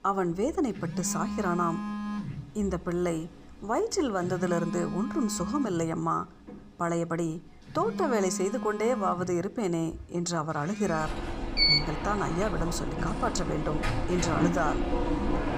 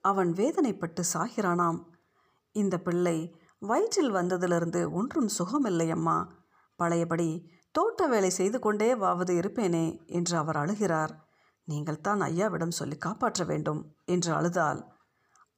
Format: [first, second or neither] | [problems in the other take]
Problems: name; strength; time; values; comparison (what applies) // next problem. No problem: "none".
second | alarms or sirens; loud; throughout; 2 dB below the speech